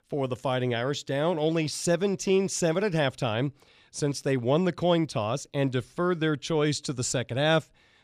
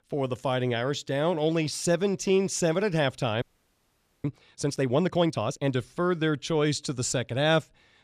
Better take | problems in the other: first | audio freezing; at 3.5 s for 1 s

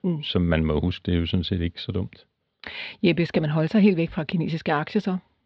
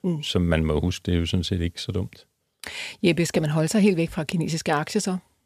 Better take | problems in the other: second | muffled; slightly; fading above 4 kHz

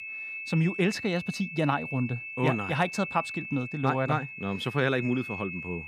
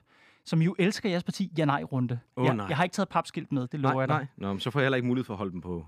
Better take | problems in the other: second | high-pitched whine; loud; throughout; 2.5 kHz, 8 dB below the speech

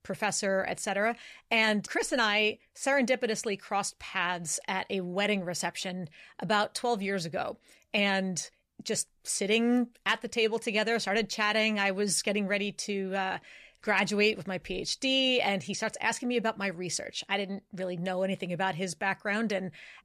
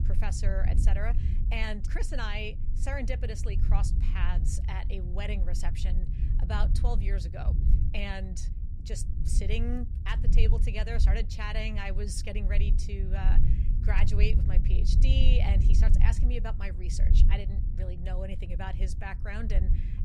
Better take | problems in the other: first | wind noise on the microphone; heavy; 8 dB below the speech

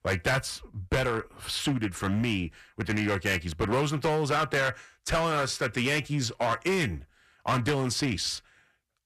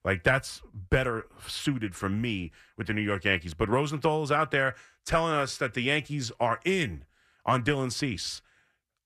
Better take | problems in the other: second | distortion; heavy; 10% of the sound clipped

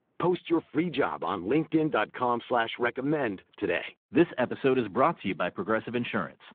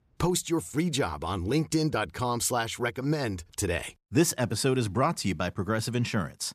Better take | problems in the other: second | phone-call audio

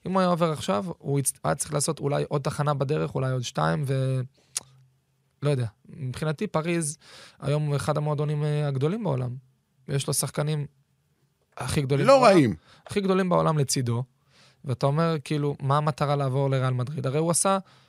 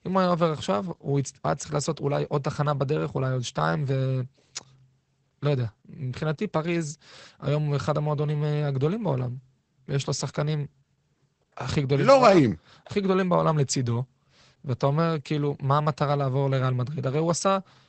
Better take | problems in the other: first | garbled, watery; badly; nothing above 8 kHz

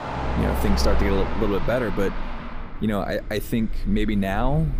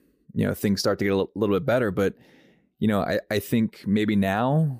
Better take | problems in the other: second | traffic noise; loud; throughout; 5 dB below the speech

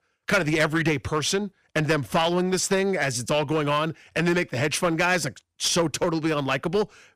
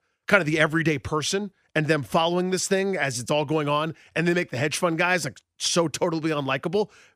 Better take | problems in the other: second | distortion; slight; 7% of the sound clipped

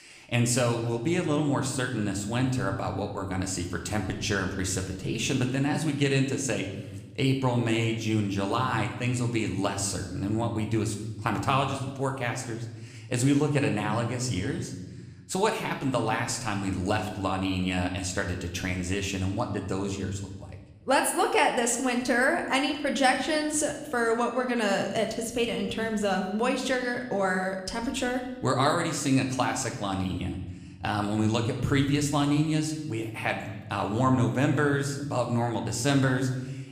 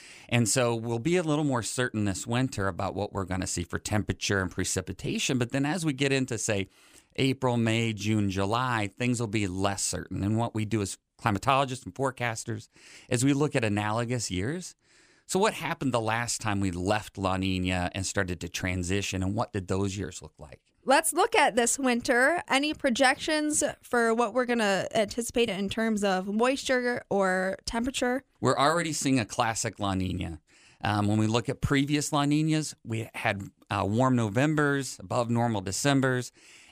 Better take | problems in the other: second | room echo; slight; dies away in 1.1 s

